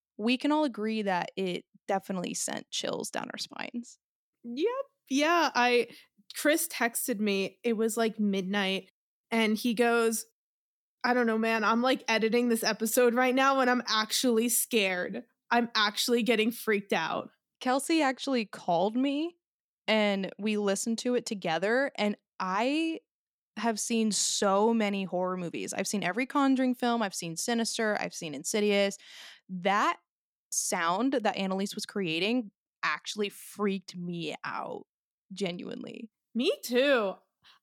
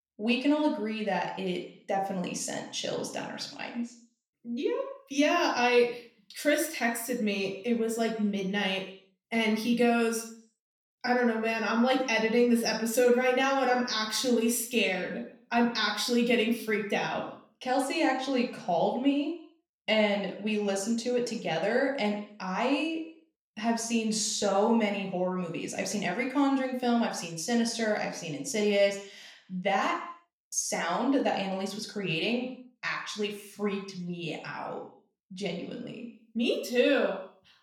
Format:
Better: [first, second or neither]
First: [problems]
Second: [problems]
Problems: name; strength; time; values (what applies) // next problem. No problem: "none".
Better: first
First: none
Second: room echo; slight; dies away in 0.5 s // off-mic speech; somewhat distant